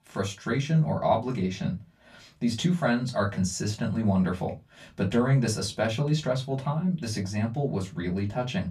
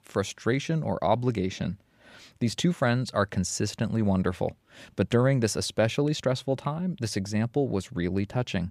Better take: second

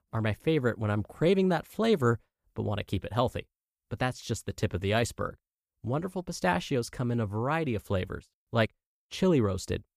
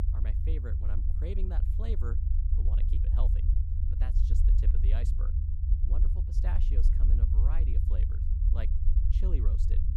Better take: first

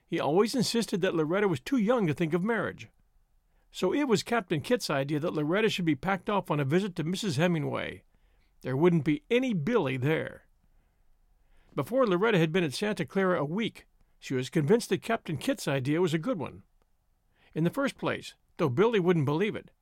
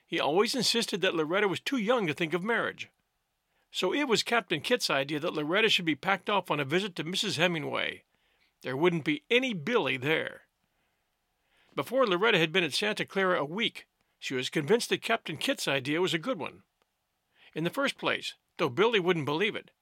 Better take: first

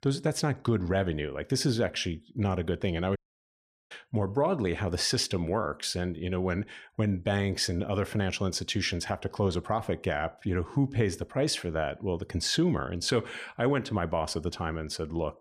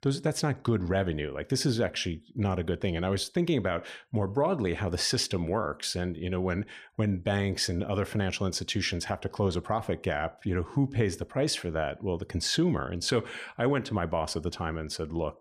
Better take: second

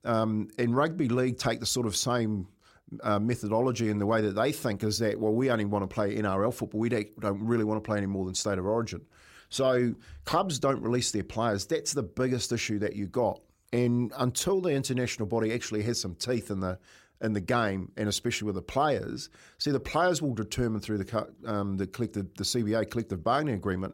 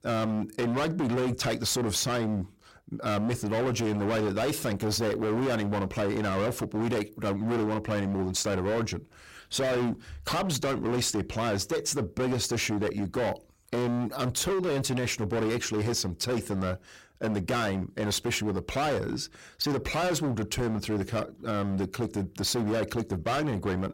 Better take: first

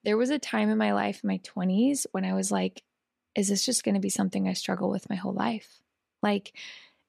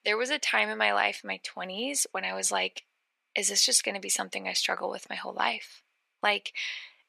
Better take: first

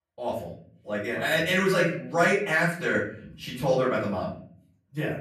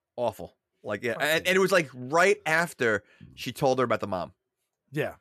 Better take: second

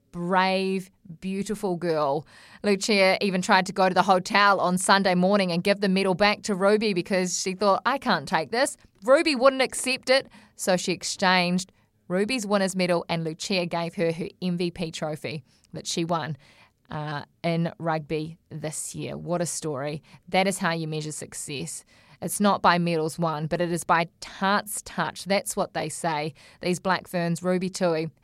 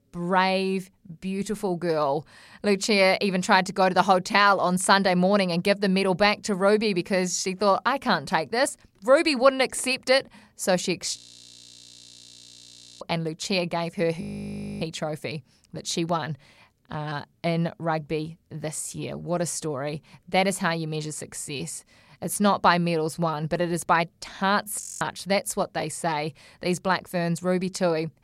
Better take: first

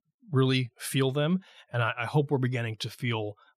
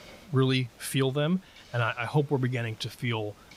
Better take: first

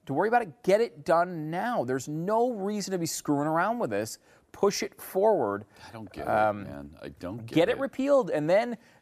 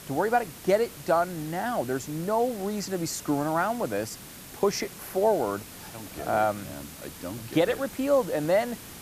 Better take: first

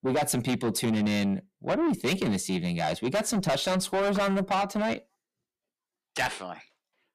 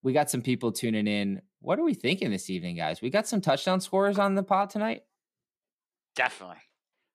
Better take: second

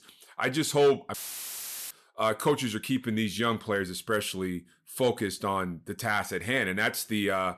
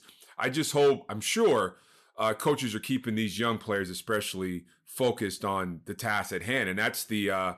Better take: second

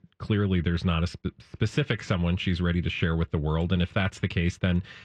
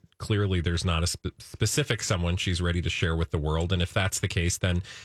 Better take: second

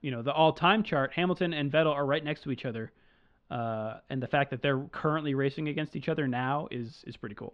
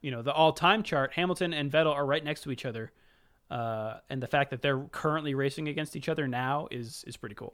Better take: second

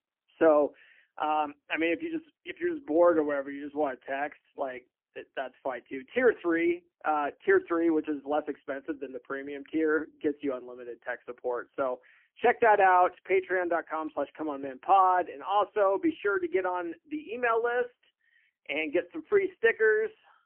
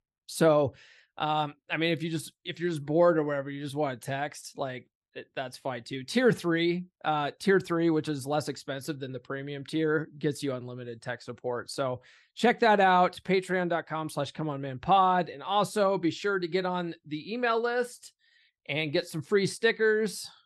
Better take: second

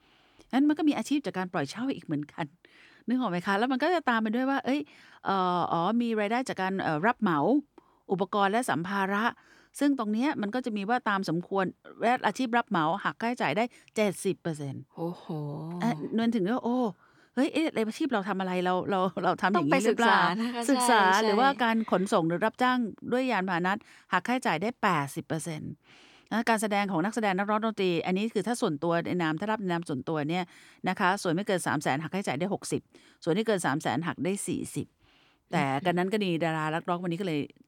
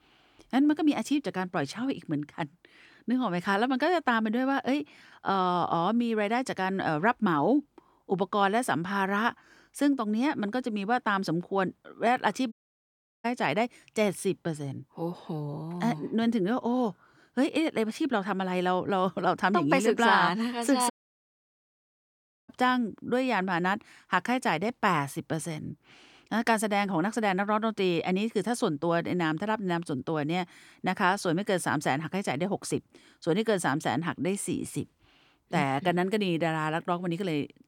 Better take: first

